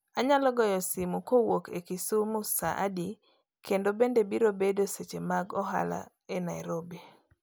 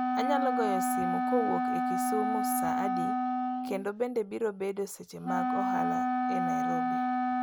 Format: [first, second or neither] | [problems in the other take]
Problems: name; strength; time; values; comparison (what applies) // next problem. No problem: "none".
first | background sound (Wind instrument, woodwind instrument); 5 dB above the speech